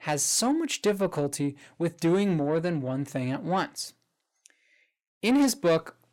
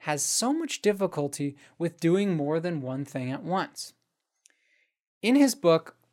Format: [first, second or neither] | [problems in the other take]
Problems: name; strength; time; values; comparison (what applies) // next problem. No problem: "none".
second | distortion; slight; 10 dB below the speech